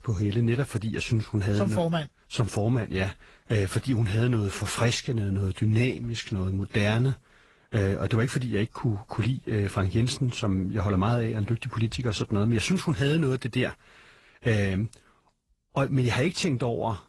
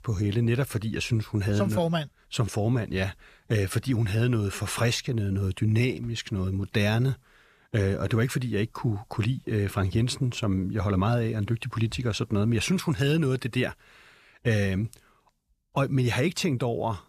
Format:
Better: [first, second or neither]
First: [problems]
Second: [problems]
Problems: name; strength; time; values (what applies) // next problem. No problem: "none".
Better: second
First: garbled, watery; slightly; nothing above 11.5 kHz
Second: none